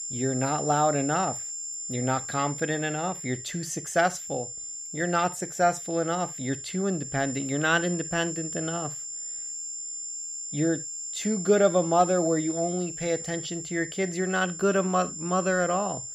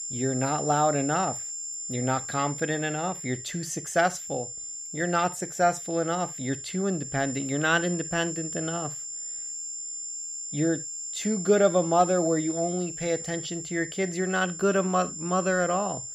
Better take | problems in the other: neither | high-pitched whine; loud; throughout; 7.5 kHz, 7 dB below the speech; the same in both

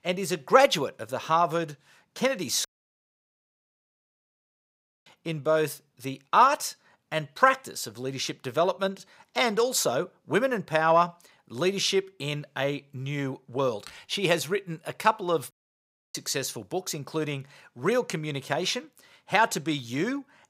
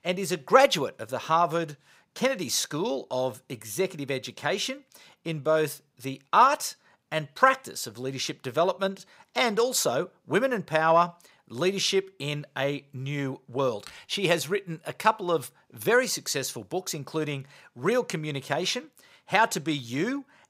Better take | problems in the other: second | audio cutting out; at 2.5 s for 2.5 s and at 16 s for 0.5 s

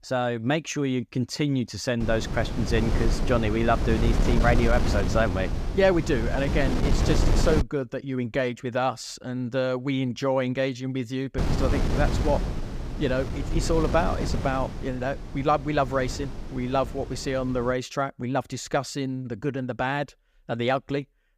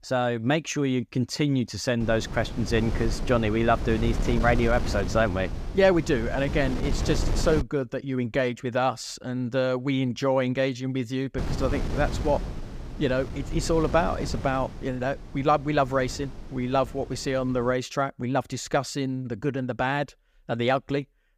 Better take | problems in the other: second | wind noise on the microphone; heavy; from 2 to 7.5 s and from 11 to 18 s; 7 dB below the speech; occasional gusts in the second

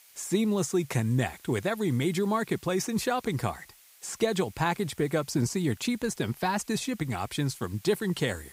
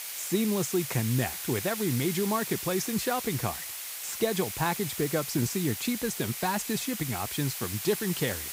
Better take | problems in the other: first | hiss; loud; throughout; 4 dB below the speech; faint in the first

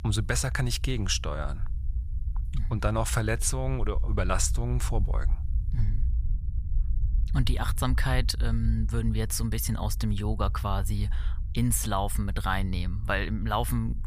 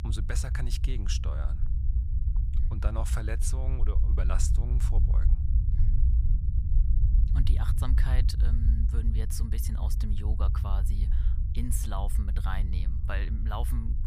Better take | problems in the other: first | low rumble; loud; throughout; 6 dB below the speech; faint in the first

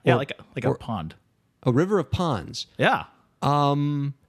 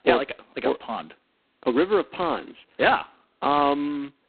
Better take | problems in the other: first | phone-call audio; poor line; nothing above 4 kHz

